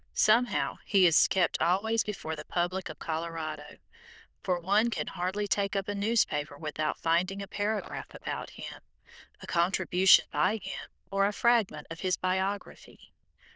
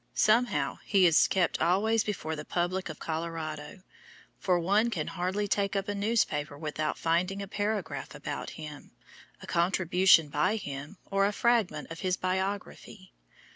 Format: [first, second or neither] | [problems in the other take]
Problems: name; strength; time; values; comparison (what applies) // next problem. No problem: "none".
second | noise reduction (neural diffusion model UNIVERSE++)